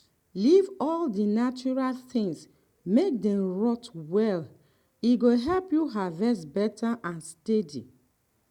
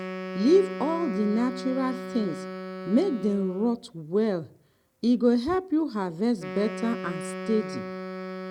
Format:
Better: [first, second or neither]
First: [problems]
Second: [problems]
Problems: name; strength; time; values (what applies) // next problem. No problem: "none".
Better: first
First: none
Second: background sound (Wind instrument, woodwind instrument); 10 dB below the speech